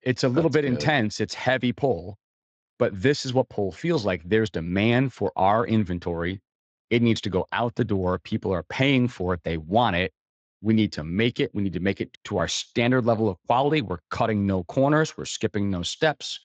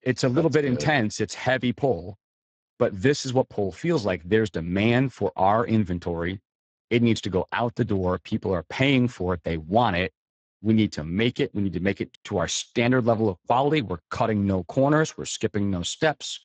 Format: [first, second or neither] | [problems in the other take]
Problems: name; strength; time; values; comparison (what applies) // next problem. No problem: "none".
first | garbled, watery; badly; nothing above 7.5 kHz; slightly in the first